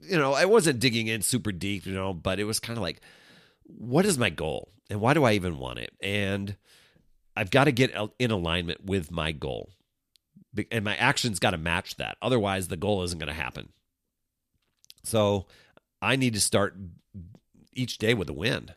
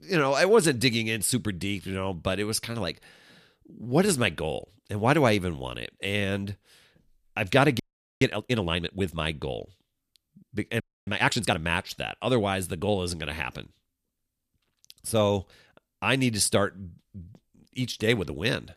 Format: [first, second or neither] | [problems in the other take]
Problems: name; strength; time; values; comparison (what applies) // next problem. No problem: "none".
first | audio freezing; at 8 s and at 11 s